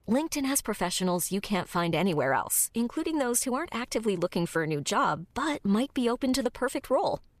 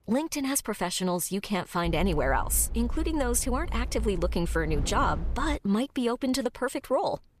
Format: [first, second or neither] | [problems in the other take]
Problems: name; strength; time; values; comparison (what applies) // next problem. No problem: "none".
first | low rumble; noticeable; from 2 to 5.5 s; 20 dB below the speech